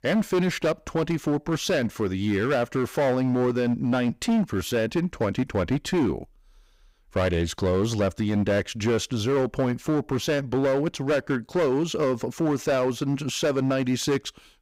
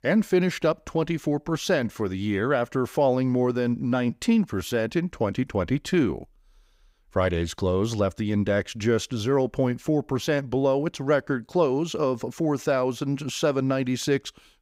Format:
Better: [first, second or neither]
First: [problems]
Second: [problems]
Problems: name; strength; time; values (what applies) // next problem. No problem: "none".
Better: second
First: distortion; slight; 13% of the sound clipped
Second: none